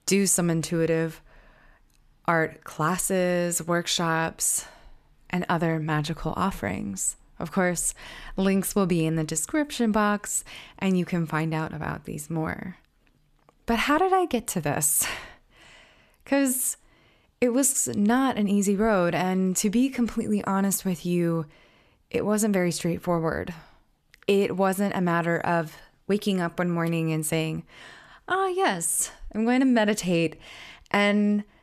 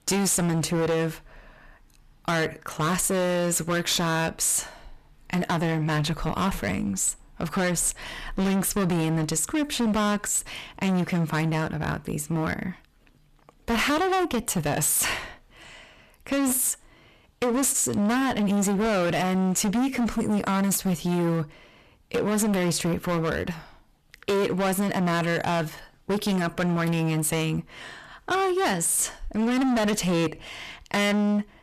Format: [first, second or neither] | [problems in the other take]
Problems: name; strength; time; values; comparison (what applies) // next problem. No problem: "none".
first | distortion; heavy; 22% of the sound clipped